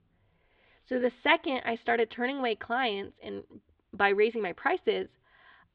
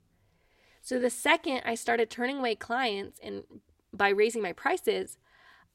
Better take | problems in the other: second | muffled; slightly; fading above 3.5 kHz

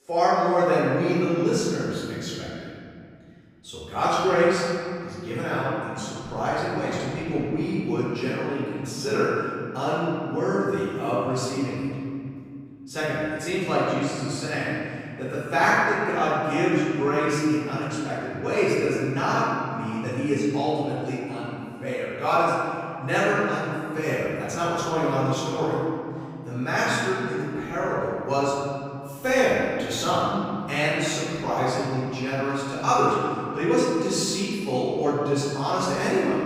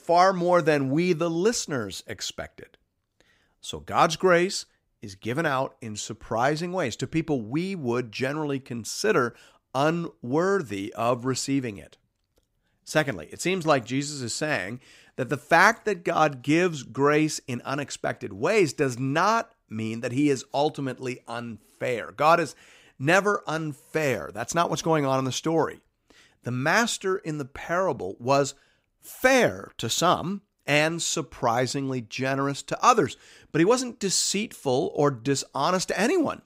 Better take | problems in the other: second | room echo; strong; dies away in 2.5 s // off-mic speech; far

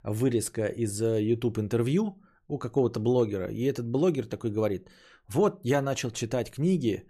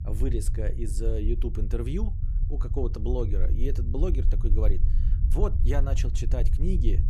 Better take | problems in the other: first | low rumble; loud; throughout; 10 dB below the speech

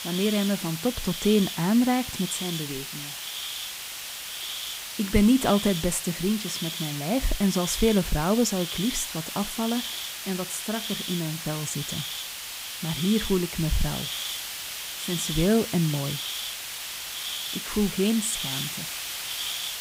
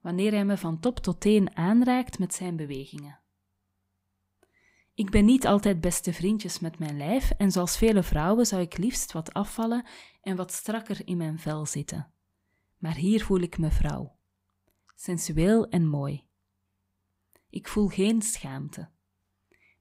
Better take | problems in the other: second | hiss; loud; throughout; 5 dB below the speech

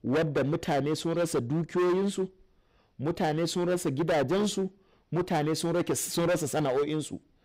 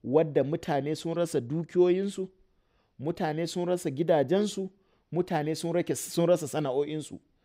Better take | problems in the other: second | distortion; heavy; 16% of the sound clipped

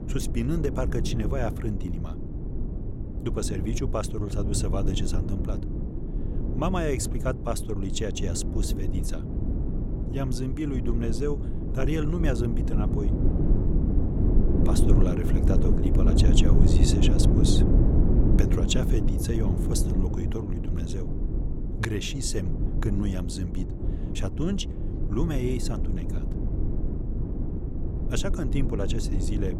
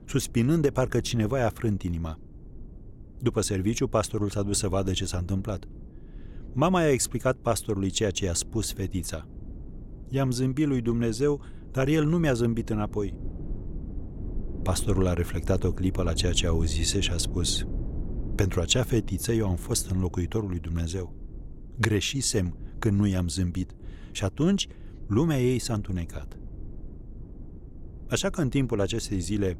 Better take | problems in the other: second | low rumble; loud; throughout; 3 dB below the speech; faint in the second

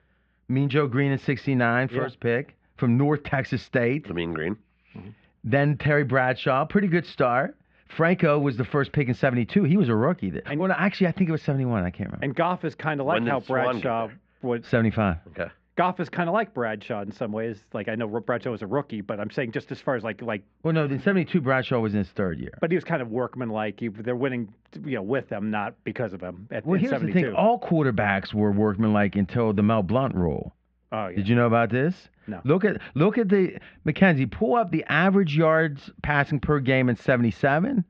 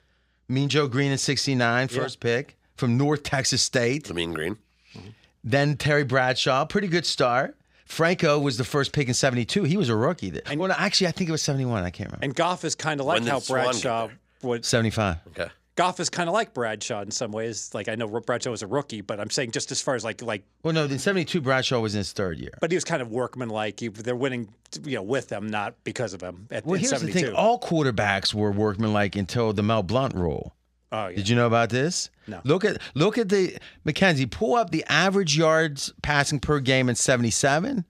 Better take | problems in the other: second | muffled; very; fading above 2.5 kHz

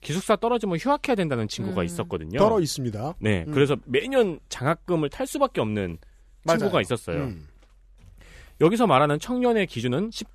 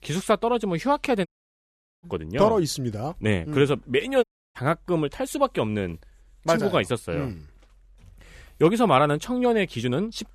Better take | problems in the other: first | audio cutting out; at 1.5 s for 1 s and at 4 s

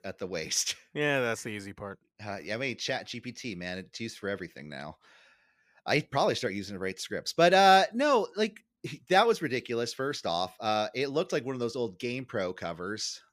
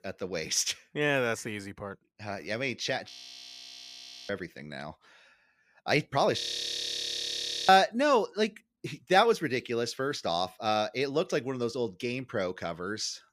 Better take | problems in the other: first | audio freezing; at 3 s for 1 s and at 6.5 s for 1.5 s

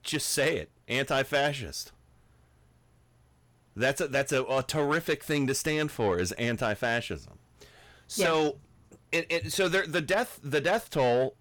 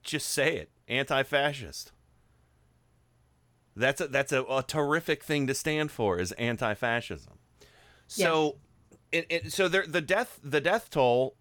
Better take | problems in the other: second | distortion; slight; 10 dB below the speech

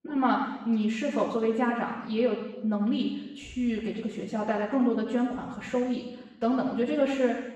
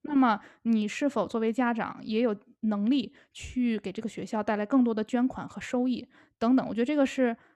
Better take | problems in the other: second | room echo; noticeable; dies away in 1 s // off-mic speech; far

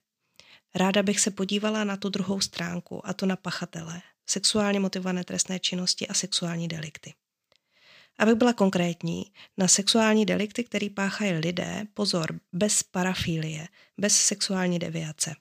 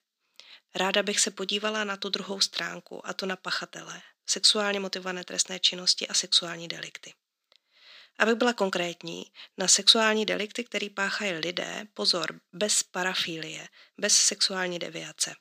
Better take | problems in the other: first | thin; somewhat; fading below 250 Hz

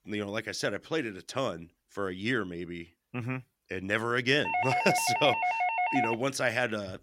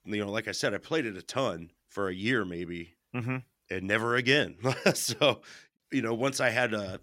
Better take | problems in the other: second | doorbell; loud; from 4.5 to 6 s; peak 3 dB above the speech

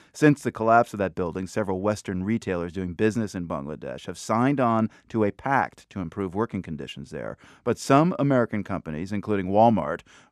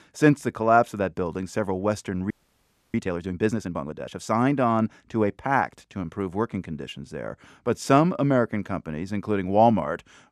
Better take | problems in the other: first | audio freezing; at 2.5 s for 0.5 s

